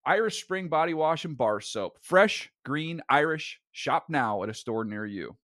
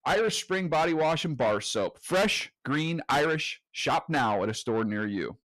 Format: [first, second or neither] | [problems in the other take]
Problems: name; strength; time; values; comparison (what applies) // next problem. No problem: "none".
first | distortion; heavy; 6 dB below the speech